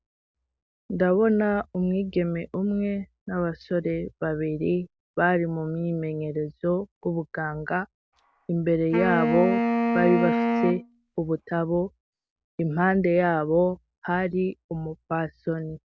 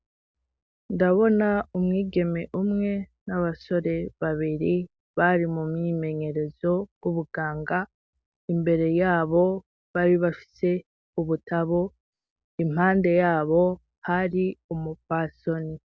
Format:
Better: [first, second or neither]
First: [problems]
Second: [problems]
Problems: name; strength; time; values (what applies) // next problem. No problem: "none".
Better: second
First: background sound (Wind instrument, woodwind instrument); as loud as the speech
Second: none